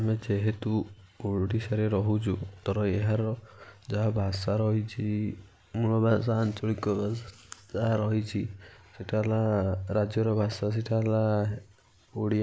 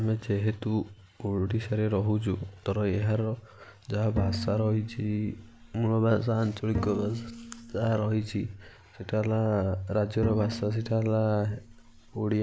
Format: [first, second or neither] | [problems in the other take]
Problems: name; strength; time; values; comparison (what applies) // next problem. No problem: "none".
first | background sound (Bowed string instrument); 10 dB below the speech